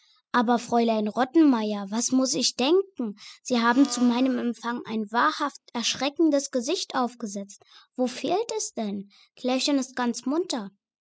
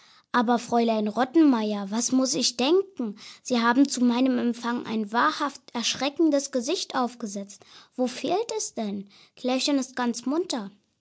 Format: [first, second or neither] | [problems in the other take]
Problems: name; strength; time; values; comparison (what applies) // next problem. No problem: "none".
second | noise reduction (classical method spectral subtraction)